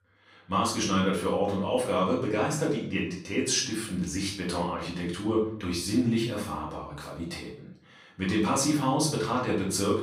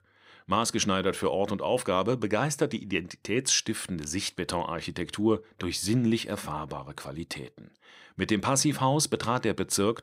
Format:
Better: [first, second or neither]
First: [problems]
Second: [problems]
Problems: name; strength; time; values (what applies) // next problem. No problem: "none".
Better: second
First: off-mic speech; far // room echo; noticeable; dies away in 0.5 s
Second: none